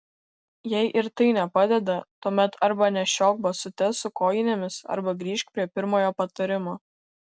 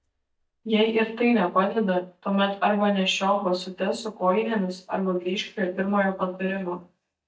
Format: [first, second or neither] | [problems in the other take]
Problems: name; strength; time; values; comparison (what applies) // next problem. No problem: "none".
first | noise reduction (neural mask model DeepFilterNet 3)